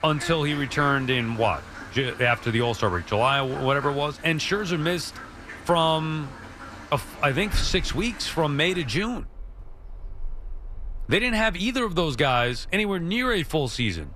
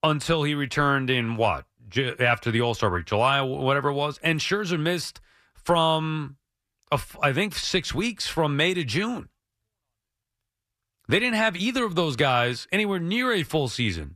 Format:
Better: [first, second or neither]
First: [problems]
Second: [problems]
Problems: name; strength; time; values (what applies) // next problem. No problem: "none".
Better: second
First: animal sounds; noticeable; throughout; 15 dB below the speech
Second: none